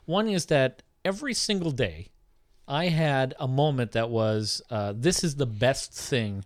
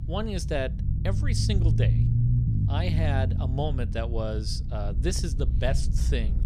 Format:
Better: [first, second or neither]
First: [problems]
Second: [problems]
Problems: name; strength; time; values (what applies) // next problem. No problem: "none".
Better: first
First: none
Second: low rumble; loud; throughout; 7 dB below the speech